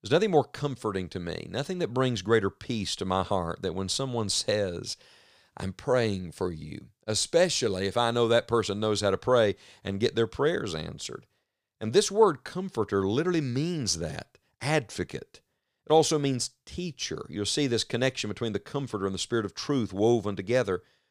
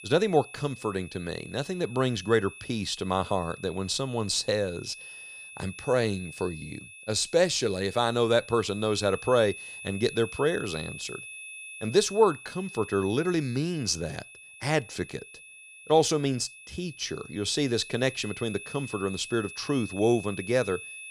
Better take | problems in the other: first | high-pitched whine; noticeable; throughout; 2.5 kHz, 15 dB below the speech

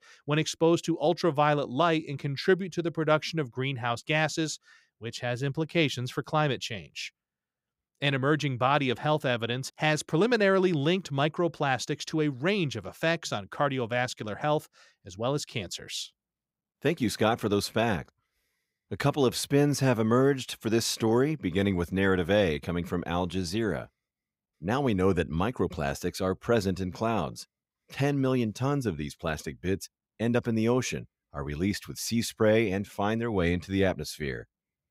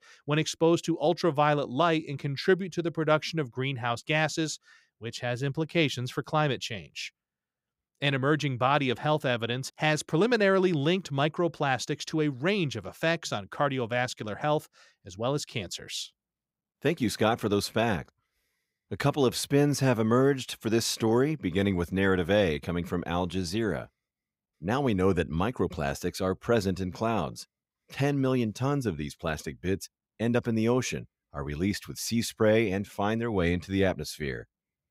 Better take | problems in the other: neither | none

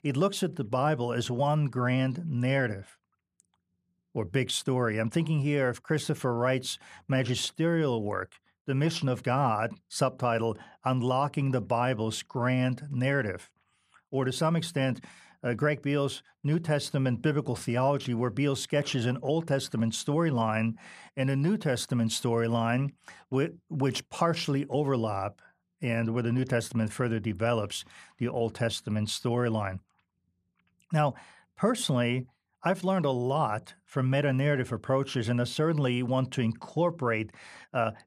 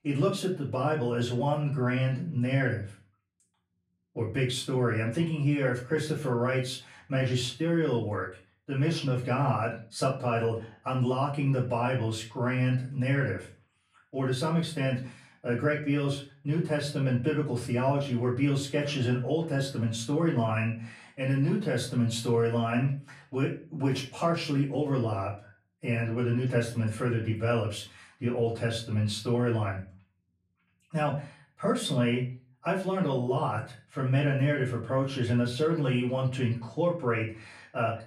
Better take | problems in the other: first | off-mic speech; far // room echo; slight; dies away in 0.3 s

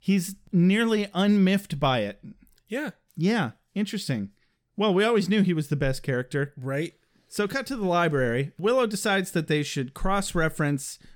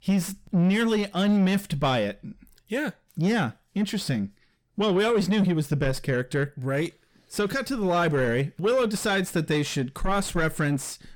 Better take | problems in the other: first | distortion; slight; 10 dB below the speech

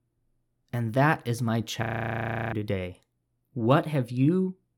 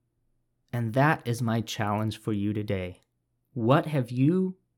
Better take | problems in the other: second | audio freezing; at 2 s for 0.5 s

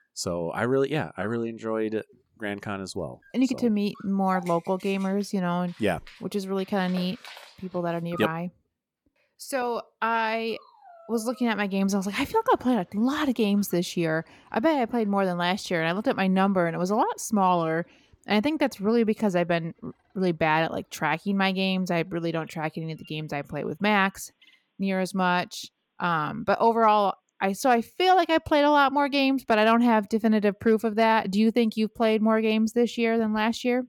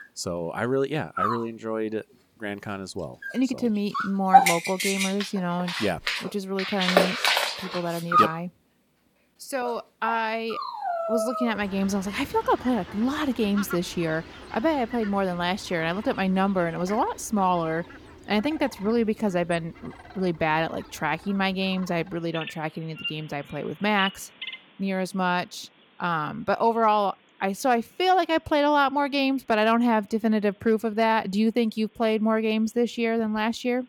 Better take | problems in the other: first | animal sounds; loud; throughout; 2 dB below the speech; faint in the first

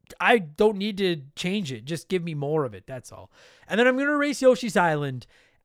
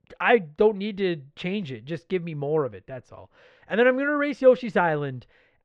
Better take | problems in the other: first | muffled; slightly; fading above 2.5 kHz

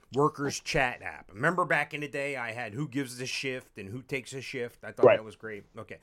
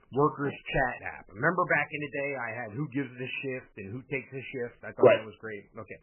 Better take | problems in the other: first | garbled, watery; badly; nothing above 3 kHz

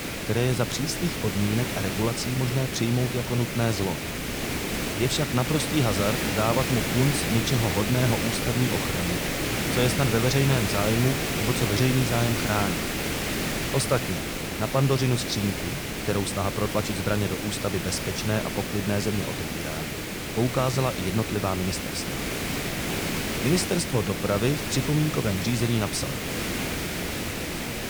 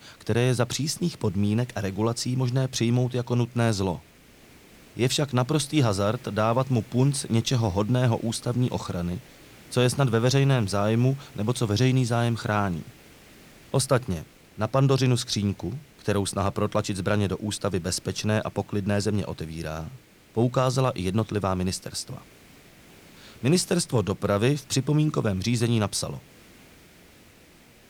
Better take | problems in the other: second | hiss; loud; throughout; 2 dB below the speech; faint in the second

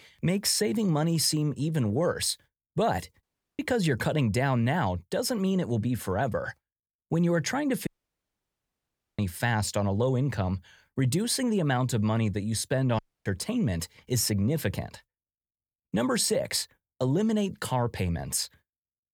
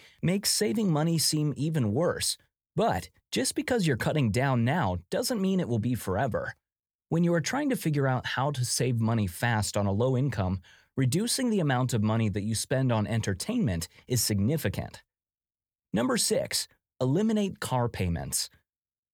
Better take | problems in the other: second | audio cutting out; at 3 s, at 8 s for 1.5 s and at 13 s

